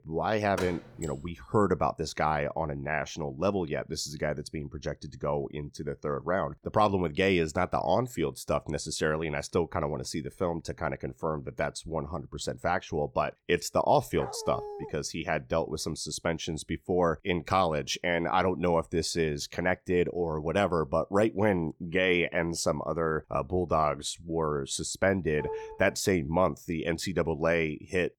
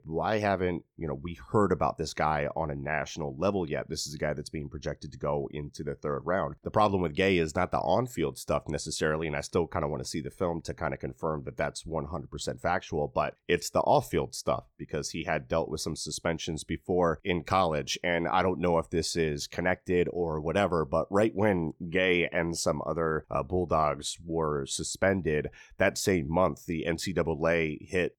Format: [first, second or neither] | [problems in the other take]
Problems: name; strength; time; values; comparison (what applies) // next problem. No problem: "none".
second | door banging; noticeable; at 0.5 s; peak 10 dB below the speech // dog barking; faint; at 14 s; peak 10 dB below the speech // clattering dishes; noticeable; at 25 s; peak 9 dB below the speech